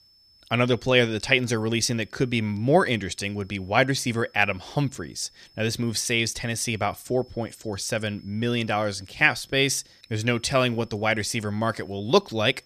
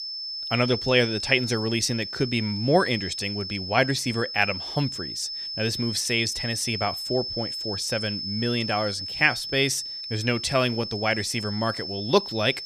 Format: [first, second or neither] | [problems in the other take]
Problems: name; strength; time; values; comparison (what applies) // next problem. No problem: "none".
first | high-pitched whine; loud; throughout; 5.5 kHz, 5 dB below the speech; faint in the first